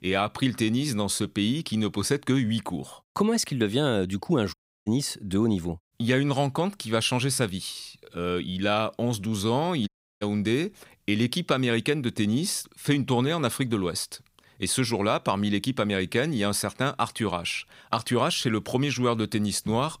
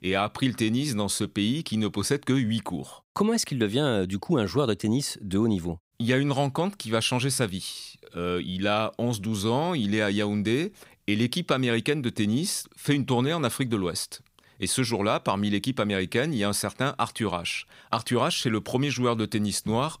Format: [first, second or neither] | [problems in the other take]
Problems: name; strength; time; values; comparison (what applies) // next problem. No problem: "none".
second | audio cutting out; at 4.5 s and at 10 s